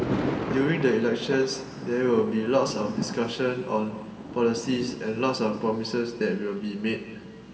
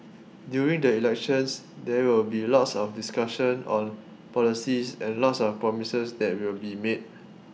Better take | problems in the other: second | background sound (Thunder); 8 dB below the speech // room echo; dies away in 2.6 s

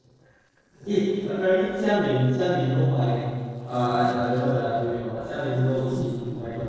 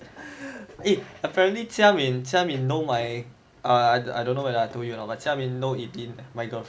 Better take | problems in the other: second | noise reduction (neural separator model SepFormer DNS4)

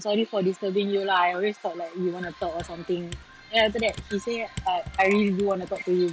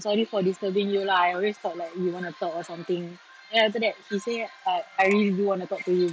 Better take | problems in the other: second | background sound (Computer keyboard); 17 dB below the speech

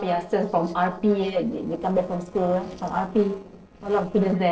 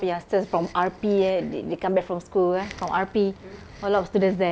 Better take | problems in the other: second | noise reduction (neural separator model SepFormer DNS4)

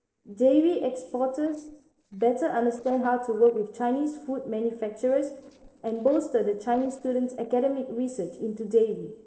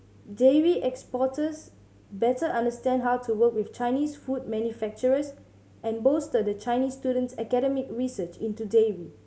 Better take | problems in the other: second | noise reduction (neural separator model SepFormer DNS4)

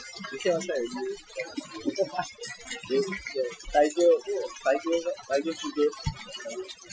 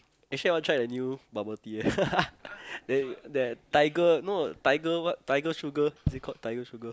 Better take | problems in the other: second | noise reduction (classical method Wiener filter)

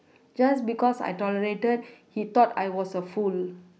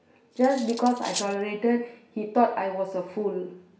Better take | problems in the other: first | background sound (Cutlery, silverware); 12 dB below the speech // room echo; dies away in 0.7 s

